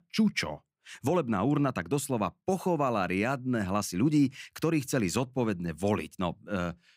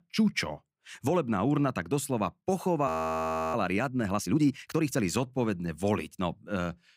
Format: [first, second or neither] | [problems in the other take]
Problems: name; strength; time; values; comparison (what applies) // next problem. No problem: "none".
first | audio freezing; at 3 s for 0.5 s